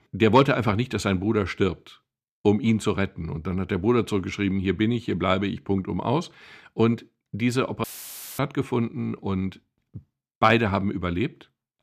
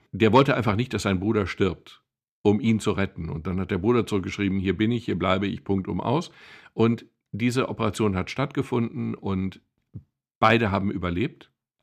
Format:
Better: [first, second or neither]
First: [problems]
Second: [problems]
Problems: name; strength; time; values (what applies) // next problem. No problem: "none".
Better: second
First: audio cutting out; filled with static; at 8 s for 0.5 s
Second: none